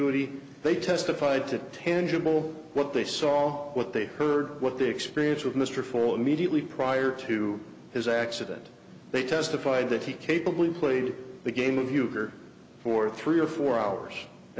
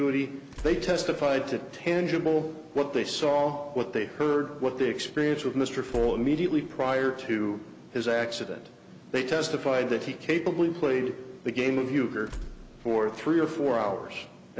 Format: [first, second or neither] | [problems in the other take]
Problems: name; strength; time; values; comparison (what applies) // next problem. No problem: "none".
first | background sound (Tools); 17 dB below the speech